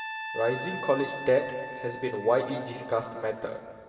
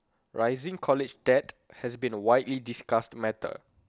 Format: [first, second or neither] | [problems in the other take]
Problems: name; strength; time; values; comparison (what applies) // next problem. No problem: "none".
second | background sound (Trumpet); 10 dB below the speech // room echo; dies away in 2.8 s